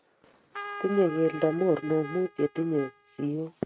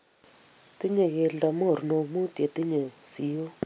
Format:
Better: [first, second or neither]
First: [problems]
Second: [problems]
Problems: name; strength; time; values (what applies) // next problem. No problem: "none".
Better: second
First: noise reduction (neural mask model RNNoise)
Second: none